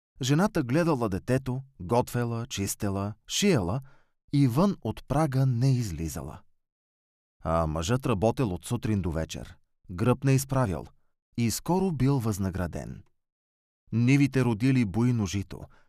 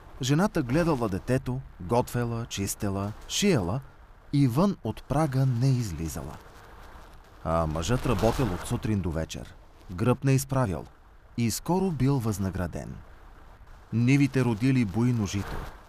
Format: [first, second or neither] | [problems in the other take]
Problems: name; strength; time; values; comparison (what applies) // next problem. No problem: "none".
first | wind noise on the microphone; occasional gusts; 15 dB below the speech